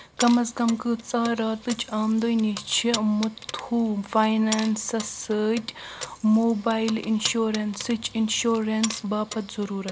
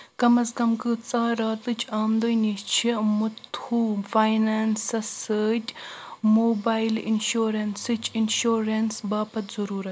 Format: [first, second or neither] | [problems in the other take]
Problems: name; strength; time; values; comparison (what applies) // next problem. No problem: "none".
second | background sound (Keys jangling); 14 dB below the speech